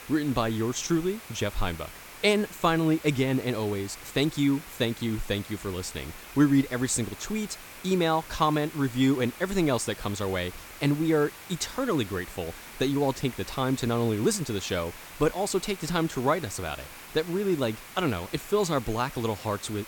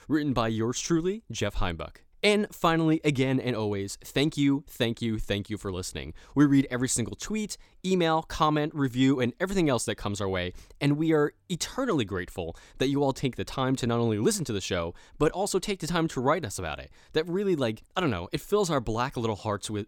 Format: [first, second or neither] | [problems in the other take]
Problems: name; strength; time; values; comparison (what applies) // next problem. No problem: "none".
second | hiss; noticeable; throughout; 15 dB below the speech